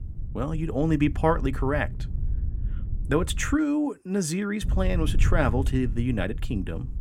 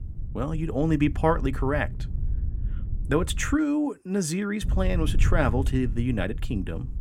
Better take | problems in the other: neither | wind noise on the microphone; occasional gusts; until 3.5 s and from 4.5 s on; 20 dB below the speech; the same in both

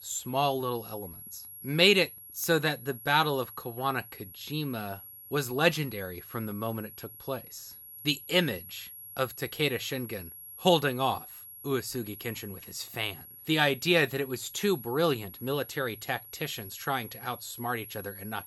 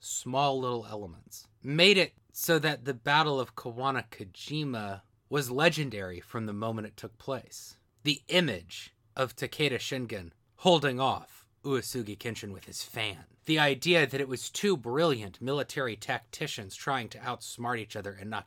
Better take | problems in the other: second | high-pitched whine; noticeable; throughout; 11.5 kHz, 15 dB below the speech

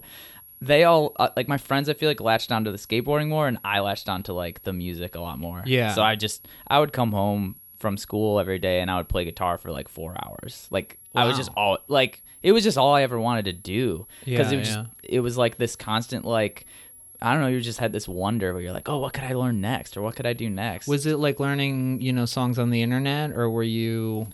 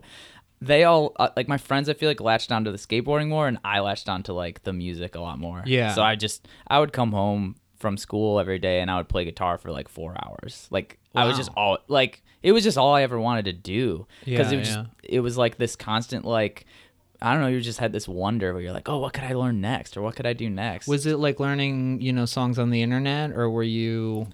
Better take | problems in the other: second | high-pitched whine; faint; throughout; 11.5 kHz, 20 dB below the speech

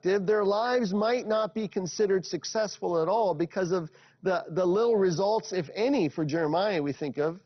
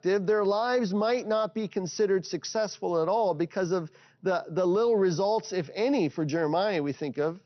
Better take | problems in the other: second | garbled, watery; badly; nothing above 6 kHz; slightly in the second

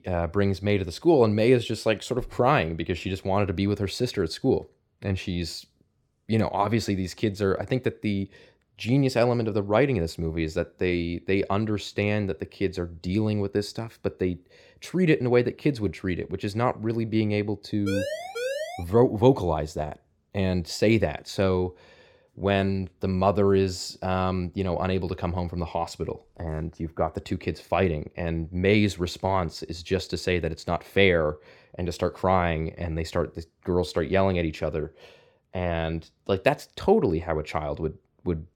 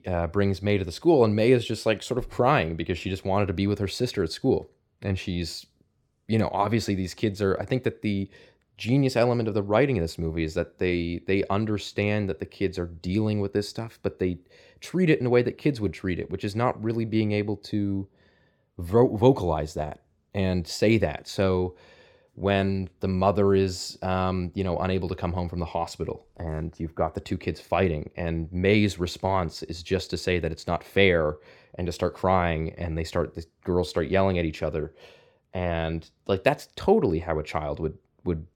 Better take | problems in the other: second | siren; noticeable; at 18 s; peak 4 dB below the speech

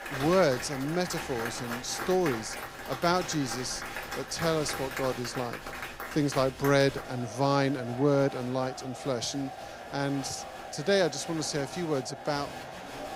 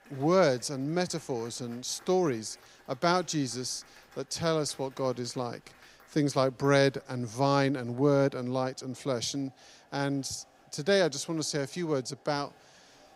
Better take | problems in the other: second | crowd noise; loud; throughout; 9 dB below the speech; faint in the second

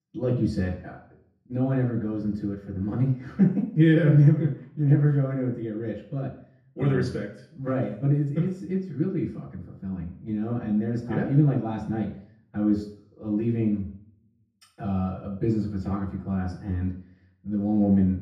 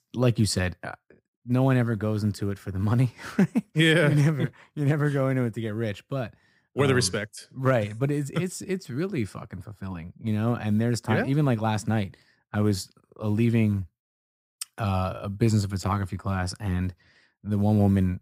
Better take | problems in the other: second | room echo; noticeable; dies away in 0.6 s // off-mic speech; far

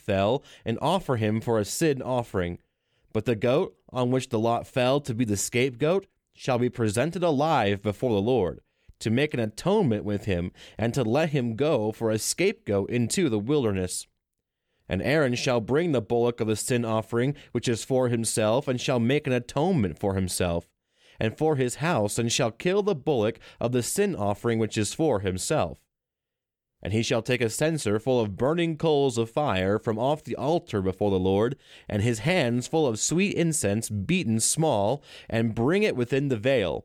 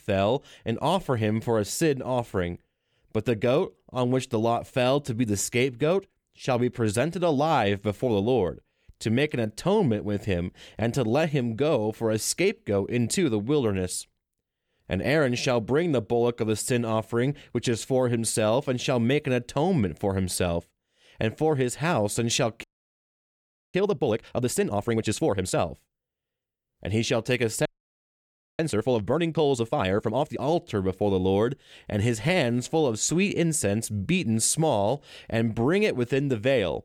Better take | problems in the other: first | audio freezing; at 23 s for 1 s and at 28 s for 1 s

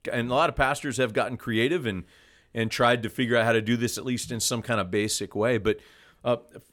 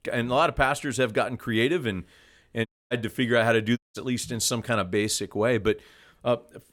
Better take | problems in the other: first | audio cutting out; at 2.5 s and at 4 s

